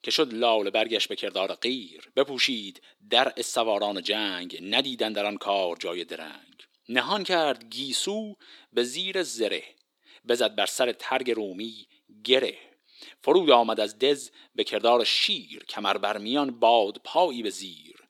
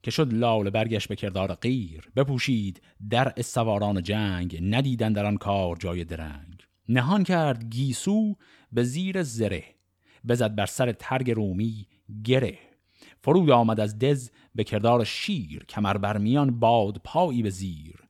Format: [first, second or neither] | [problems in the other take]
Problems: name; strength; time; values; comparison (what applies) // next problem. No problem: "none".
second | thin; somewhat; fading below 350 Hz